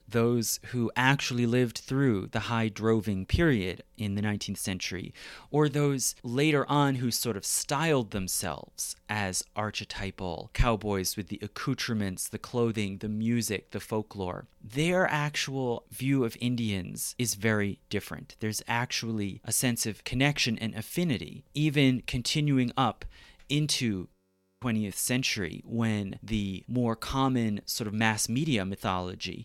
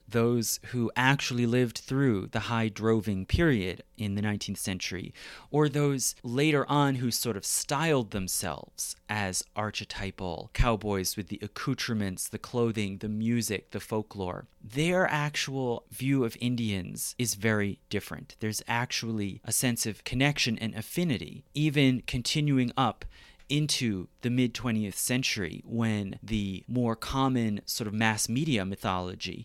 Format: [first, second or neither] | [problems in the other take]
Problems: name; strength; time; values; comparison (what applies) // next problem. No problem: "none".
second | audio freezing; at 24 s